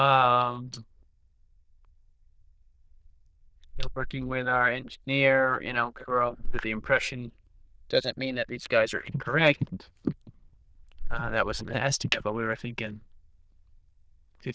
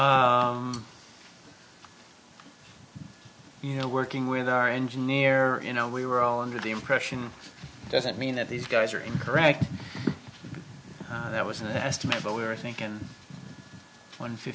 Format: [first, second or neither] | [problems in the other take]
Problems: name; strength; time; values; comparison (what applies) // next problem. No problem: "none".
second | noise reduction (neural diffusion model UNIVERSE++)